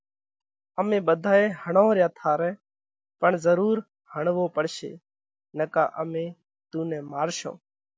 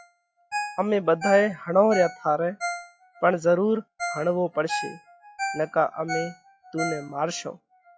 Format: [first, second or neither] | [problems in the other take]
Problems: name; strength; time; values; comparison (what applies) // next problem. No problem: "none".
first | noise reduction (classical method log-MMSE)